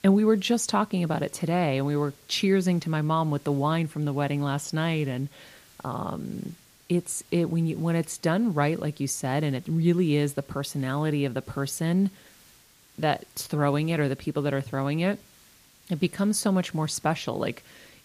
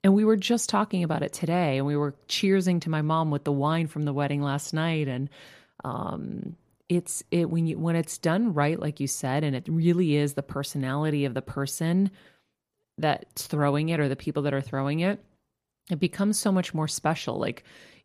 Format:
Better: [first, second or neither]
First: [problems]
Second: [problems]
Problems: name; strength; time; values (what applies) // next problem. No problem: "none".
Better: second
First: hiss; faint; throughout; 25 dB below the speech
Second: none